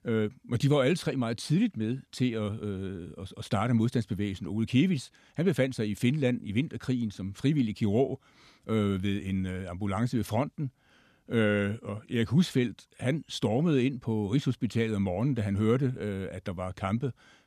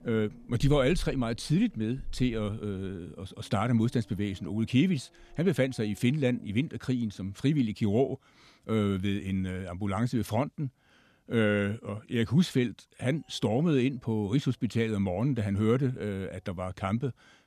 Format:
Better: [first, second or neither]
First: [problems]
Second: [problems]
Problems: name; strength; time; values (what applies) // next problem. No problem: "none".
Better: first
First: none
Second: traffic noise; faint; throughout; 20 dB below the speech